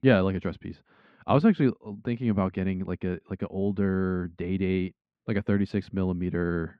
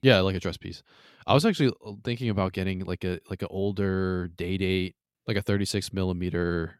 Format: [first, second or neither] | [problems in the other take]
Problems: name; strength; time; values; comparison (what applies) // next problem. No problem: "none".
second | muffled; very; fading above 1.5 kHz